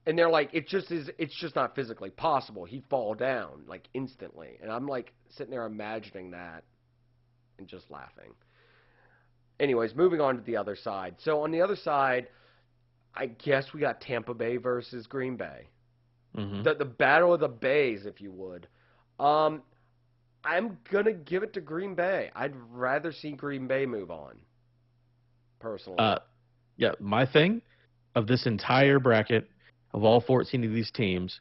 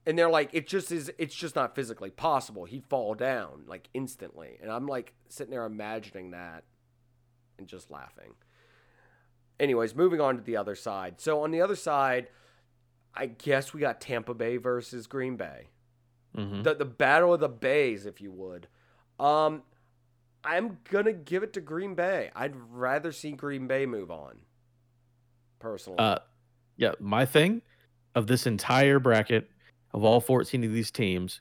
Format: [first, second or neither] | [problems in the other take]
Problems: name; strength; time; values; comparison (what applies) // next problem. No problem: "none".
second | garbled, watery; badly; nothing above 5.5 kHz